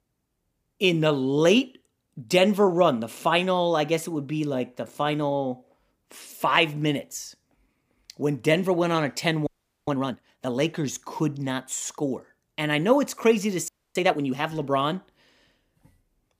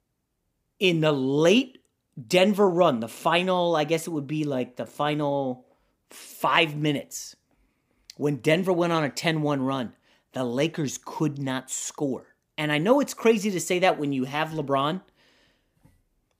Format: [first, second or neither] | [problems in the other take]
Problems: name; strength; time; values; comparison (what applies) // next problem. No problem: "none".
second | audio freezing; at 9.5 s and at 14 s